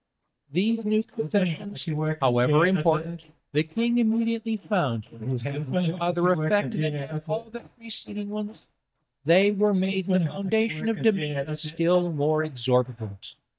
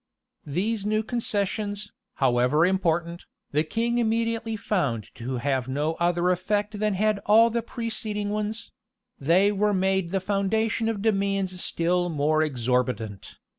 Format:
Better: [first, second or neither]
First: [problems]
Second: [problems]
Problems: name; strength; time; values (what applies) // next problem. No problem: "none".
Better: second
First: noise reduction (neural mask model DeepFilterNet 3)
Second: none